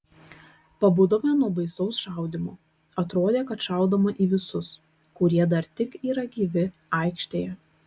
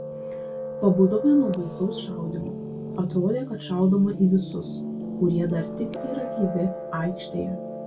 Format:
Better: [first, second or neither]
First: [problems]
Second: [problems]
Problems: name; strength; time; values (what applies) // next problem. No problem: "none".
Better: first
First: none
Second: background sound (Piano); 8 dB below the speech // room echo; dies away in 0.2 s